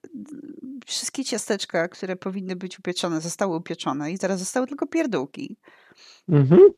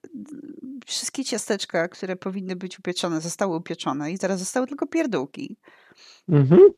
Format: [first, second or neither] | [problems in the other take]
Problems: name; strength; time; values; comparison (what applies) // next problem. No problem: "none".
neither | none